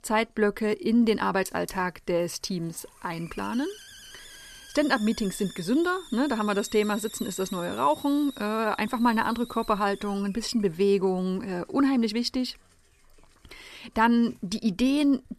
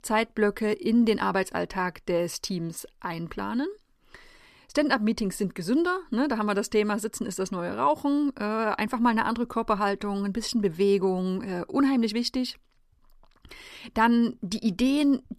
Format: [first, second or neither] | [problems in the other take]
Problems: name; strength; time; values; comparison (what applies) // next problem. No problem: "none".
second | hiss; noticeable; throughout; 15 dB below the speech